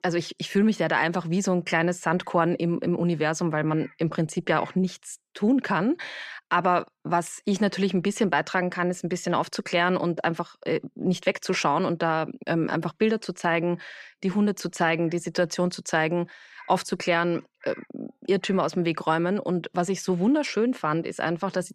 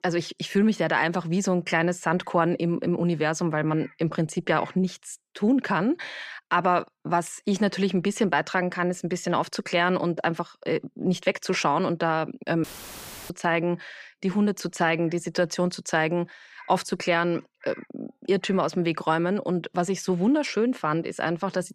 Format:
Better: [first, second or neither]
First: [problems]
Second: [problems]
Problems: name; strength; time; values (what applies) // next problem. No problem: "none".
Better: first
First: none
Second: audio cutting out; filled with static; at 13 s for 0.5 s